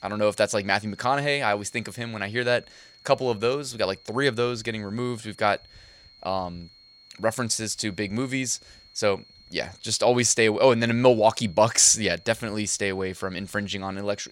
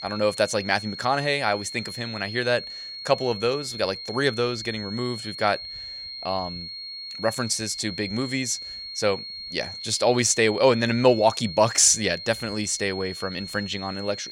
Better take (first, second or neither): first